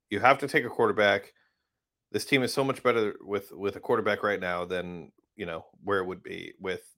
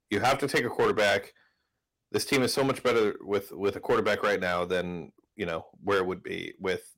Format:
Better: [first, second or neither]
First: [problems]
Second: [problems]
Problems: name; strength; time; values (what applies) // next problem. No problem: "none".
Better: first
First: none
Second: distortion; heavy; 7% of the sound clipped